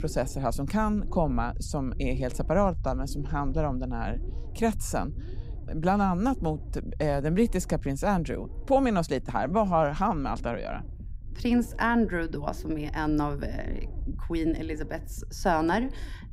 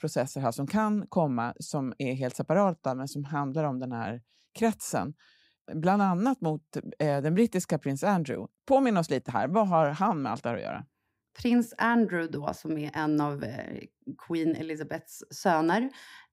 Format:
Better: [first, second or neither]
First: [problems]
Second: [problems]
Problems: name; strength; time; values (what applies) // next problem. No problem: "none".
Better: second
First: low rumble; faint; throughout; 25 dB below the speech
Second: none